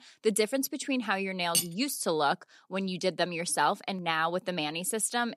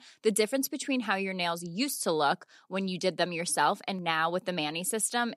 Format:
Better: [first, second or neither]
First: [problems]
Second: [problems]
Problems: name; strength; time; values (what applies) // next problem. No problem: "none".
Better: second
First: clattering dishes; loud; at 1.5 s; peak 1 dB above the speech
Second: none